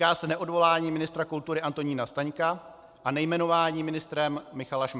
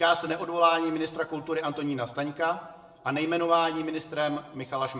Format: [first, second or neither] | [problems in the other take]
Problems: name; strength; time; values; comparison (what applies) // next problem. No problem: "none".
first | room echo; dies away in 0.6 s